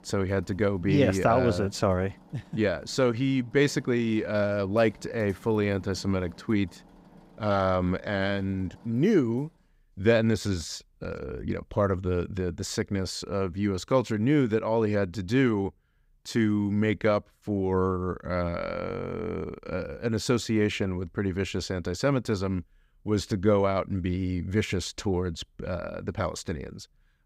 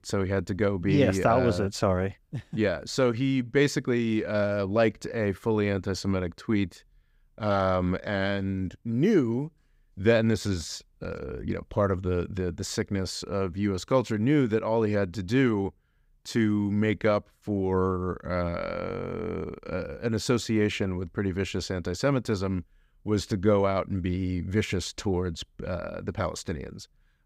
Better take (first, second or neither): second